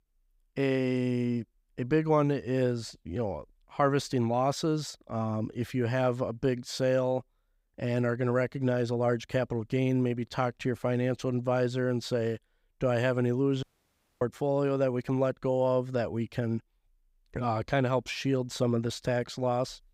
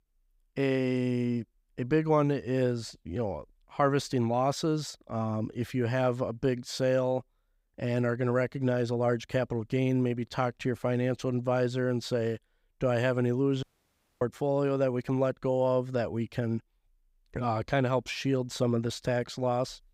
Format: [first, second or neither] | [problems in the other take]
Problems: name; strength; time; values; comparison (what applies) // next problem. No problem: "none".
neither | audio cutting out; at 14 s for 0.5 s; the same in both